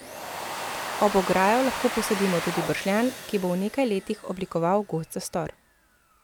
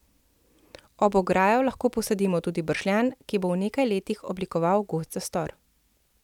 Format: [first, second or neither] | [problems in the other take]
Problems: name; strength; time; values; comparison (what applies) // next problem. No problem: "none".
second | background sound (Domestic sounds, home sounds); 9 dB below the speech